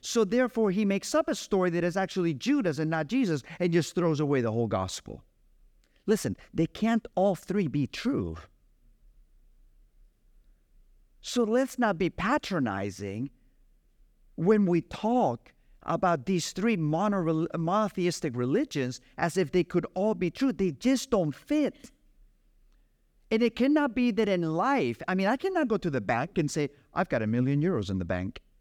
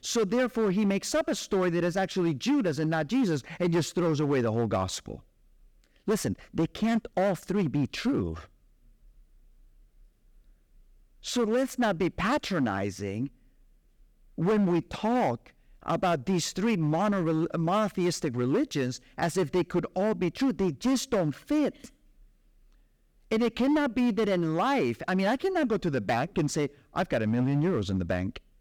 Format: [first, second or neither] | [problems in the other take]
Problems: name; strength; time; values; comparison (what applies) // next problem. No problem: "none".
first | distortion; slight; 9% of the sound clipped